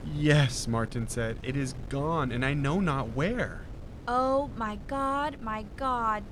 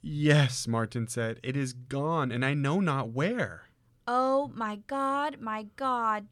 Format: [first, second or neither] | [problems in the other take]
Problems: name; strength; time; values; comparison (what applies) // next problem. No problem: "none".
second | wind noise on the microphone; occasional gusts; 20 dB below the speech